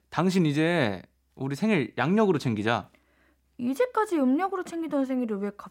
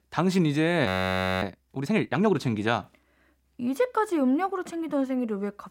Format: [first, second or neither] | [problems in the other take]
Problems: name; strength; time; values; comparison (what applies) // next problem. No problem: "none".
first | audio freezing; at 1 s for 0.5 s